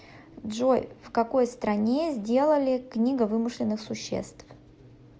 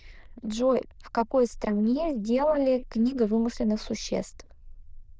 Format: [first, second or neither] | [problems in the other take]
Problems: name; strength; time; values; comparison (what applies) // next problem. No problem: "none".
first | noise reduction (neural diffusion model UNIVERSE++)